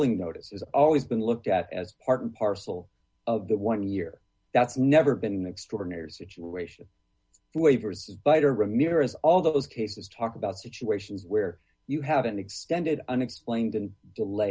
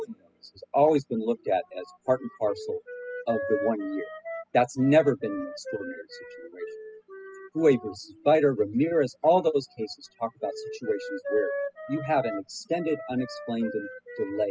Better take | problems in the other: first | noise reduction (classical method spectral subtraction)

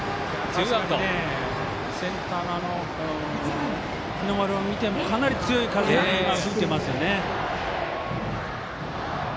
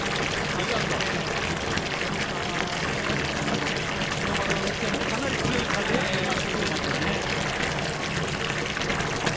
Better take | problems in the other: first | background sound (Fill (with liquid) / Bathtub (filling or washing) / Water tap, faucet); 5 dB above the speech

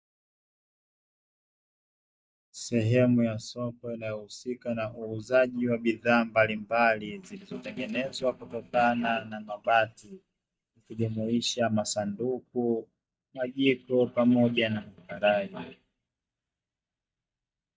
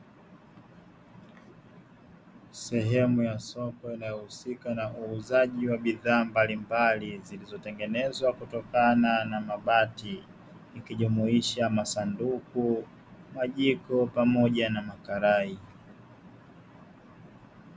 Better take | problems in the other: second | noise reduction (neural mask model DeepFilterNet 3)

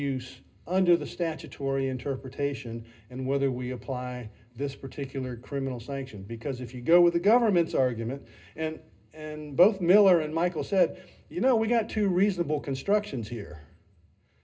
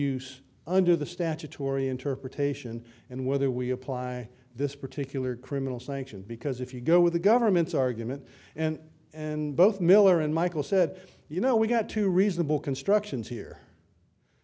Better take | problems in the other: second | room echo; dies away in 0.2 s

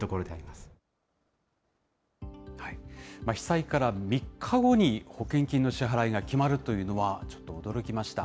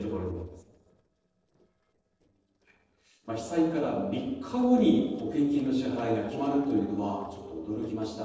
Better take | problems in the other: first | noise reduction (neural separator model SepFormer DNS4)

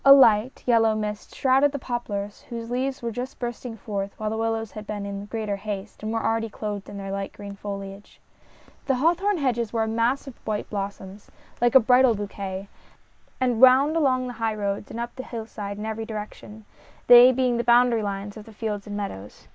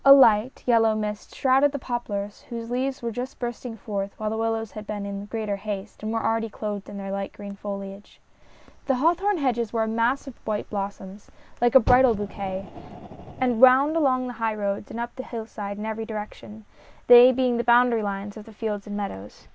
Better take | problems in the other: first | background sound (Fire); 12 dB below the speech

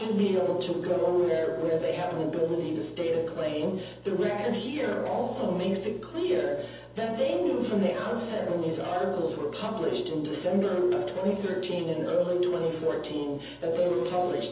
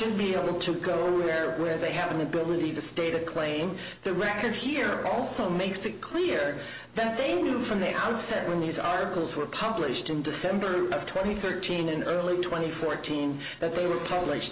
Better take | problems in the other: second | room echo; dies away in 0.7 s

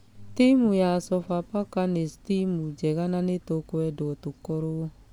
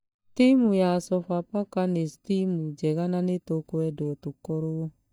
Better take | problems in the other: first | noise reduction (neural mask model DeepFilterNet 3)

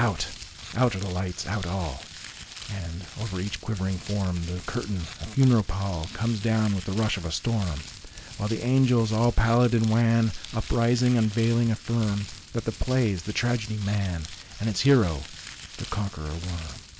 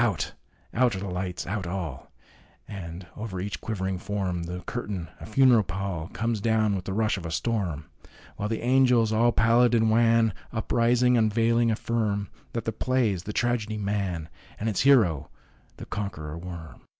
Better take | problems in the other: second | background sound (Crumpling, crinkling); 16 dB below the speech

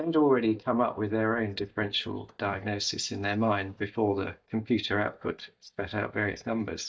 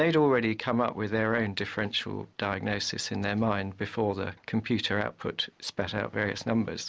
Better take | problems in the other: second | noise reduction (neural mask model DeepFilterNet 3)

